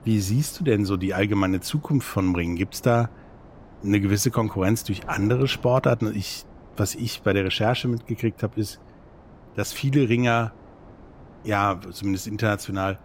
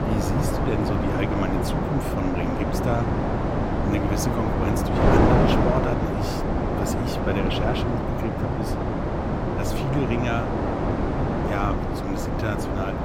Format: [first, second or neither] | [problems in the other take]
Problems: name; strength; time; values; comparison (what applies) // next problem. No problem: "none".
first | wind noise on the microphone; heavy; 4 dB above the speech; occasional gusts in the first